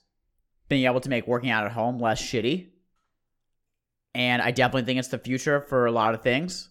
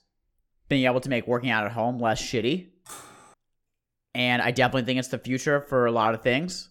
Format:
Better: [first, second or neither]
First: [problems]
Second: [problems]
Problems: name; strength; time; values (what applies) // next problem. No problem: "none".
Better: first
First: none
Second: clattering dishes; faint; at 3 s; peak 20 dB below the speech